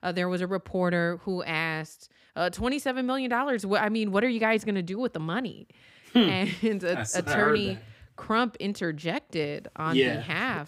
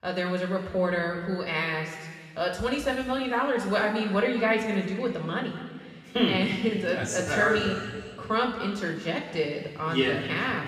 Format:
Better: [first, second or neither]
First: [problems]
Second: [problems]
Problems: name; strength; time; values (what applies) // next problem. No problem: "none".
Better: first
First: none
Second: room echo; noticeable; dies away in 2 s // off-mic speech; somewhat distant